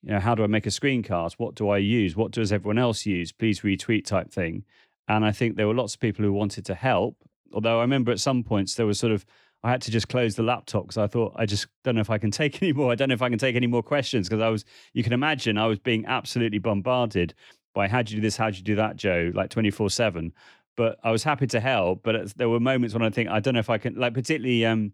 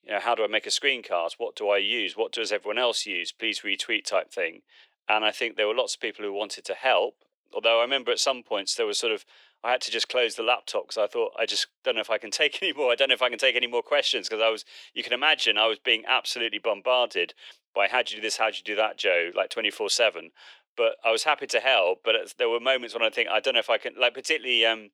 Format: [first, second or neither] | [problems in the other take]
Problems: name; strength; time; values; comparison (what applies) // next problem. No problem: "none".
first | thin; very; fading below 450 Hz